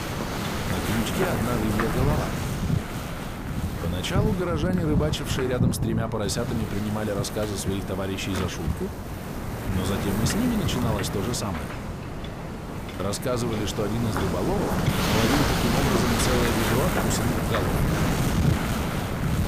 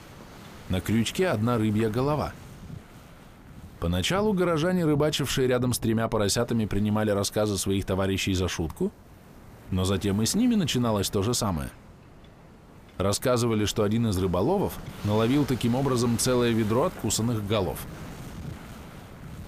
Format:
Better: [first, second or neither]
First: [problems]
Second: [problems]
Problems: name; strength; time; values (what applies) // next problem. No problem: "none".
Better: second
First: wind noise on the microphone; heavy; 1 dB above the speech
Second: wind noise on the microphone; occasional gusts; 20 dB below the speech